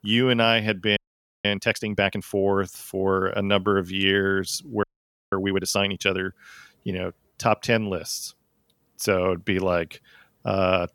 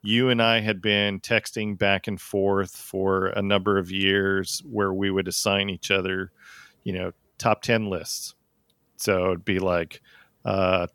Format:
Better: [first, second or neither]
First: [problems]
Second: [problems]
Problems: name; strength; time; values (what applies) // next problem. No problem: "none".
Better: second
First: audio freezing; at 1 s and at 5 s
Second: none